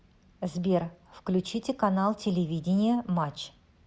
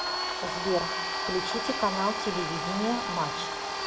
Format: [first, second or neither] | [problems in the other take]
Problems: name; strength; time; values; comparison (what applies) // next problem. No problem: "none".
first | background sound (Domestic sounds, home sounds); as loud as the speech // room echo; dies away in 0.7 s